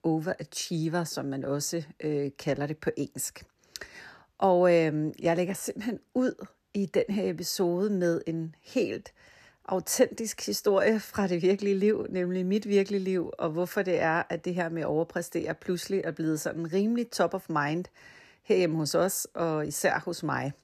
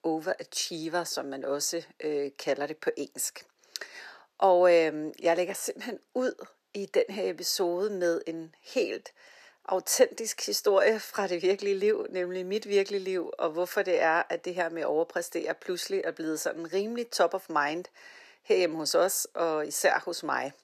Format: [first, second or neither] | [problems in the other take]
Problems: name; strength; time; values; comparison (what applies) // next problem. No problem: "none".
first | thin; somewhat; fading below 450 Hz